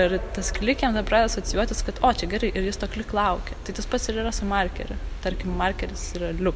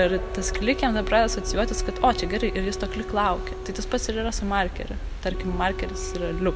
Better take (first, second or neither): first